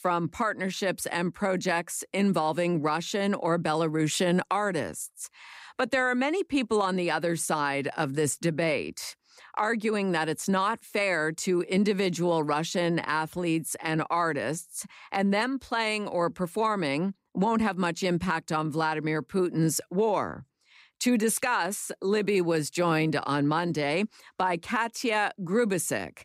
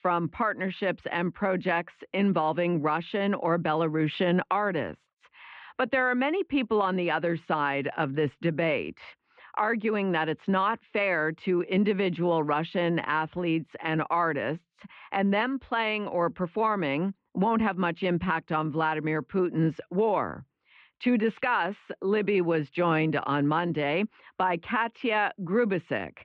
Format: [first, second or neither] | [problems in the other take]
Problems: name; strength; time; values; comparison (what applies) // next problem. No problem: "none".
first | muffled; very; fading above 3 kHz